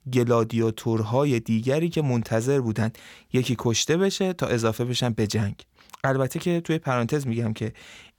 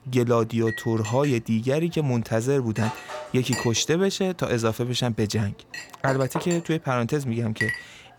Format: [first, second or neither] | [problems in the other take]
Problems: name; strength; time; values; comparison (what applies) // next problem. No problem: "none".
first | household noises; loud; throughout; 9 dB below the speech